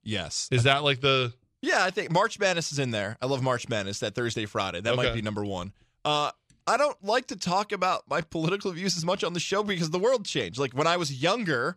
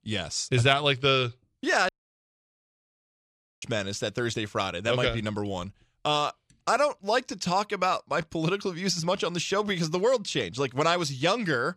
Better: first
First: none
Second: audio cutting out; at 2 s for 1.5 s

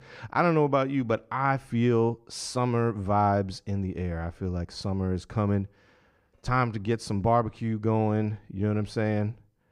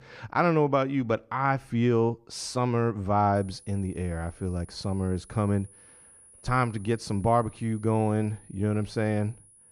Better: first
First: none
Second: high-pitched whine; faint; from 3.5 s on; 10.5 kHz, 25 dB below the speech

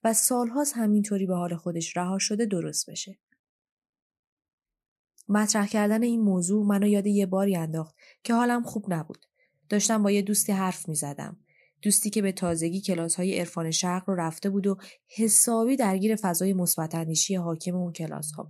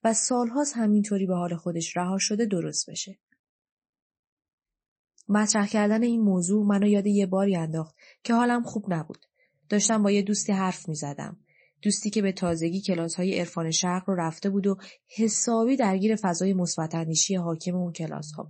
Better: first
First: none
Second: garbled, watery; slightly; nothing above 8 kHz

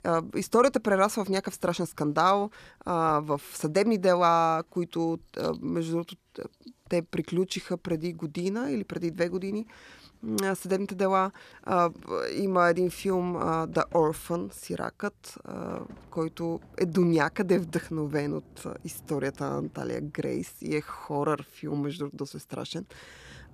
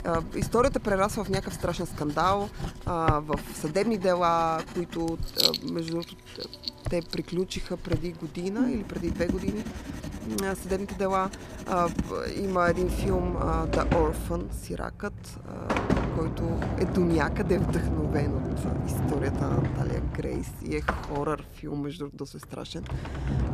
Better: first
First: household noises; faint; throughout; 30 dB below the speech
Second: household noises; loud; throughout; 2 dB below the speech

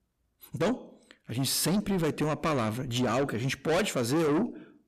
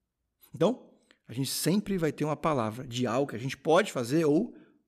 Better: second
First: distortion; heavy; 6 dB below the speech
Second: none

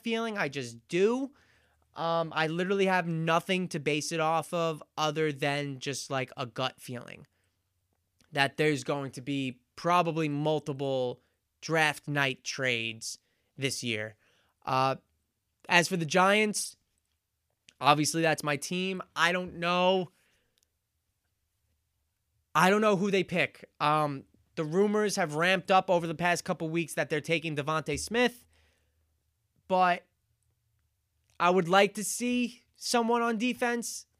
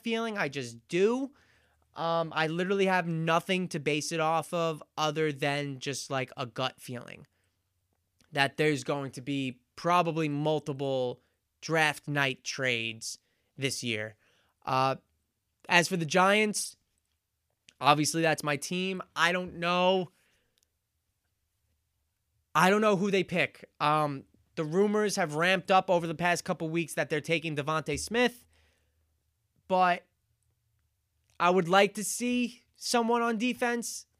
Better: neither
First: none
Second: none

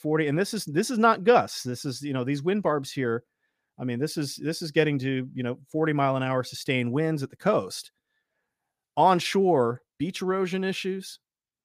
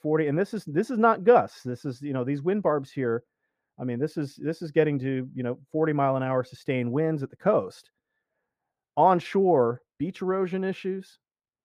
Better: first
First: none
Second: muffled; slightly; fading above 2.5 kHz

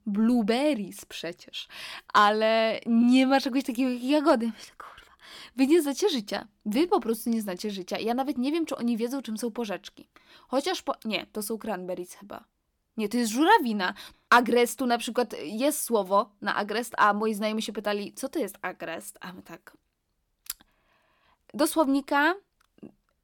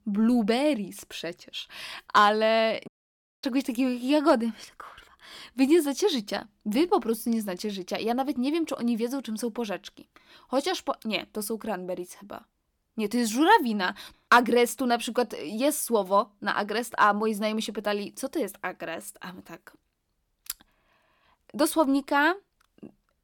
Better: first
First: none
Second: audio cutting out; at 3 s for 0.5 s

